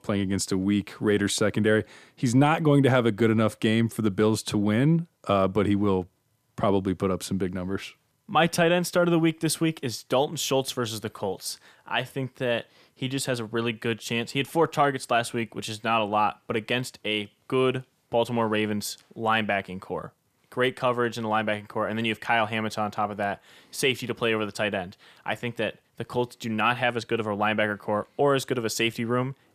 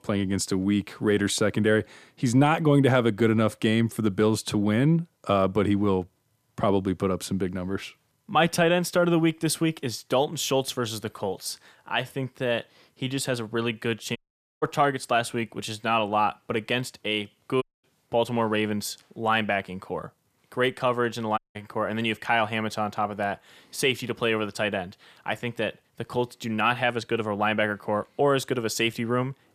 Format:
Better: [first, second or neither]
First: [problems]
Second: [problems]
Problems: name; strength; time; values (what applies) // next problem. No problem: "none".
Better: first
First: none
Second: audio cutting out; at 14 s, at 18 s and at 21 s